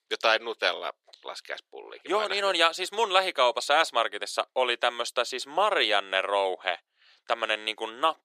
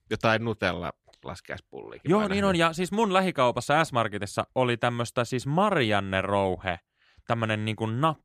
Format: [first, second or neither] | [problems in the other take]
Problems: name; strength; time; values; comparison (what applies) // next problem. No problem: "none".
second | thin; very; fading below 400 Hz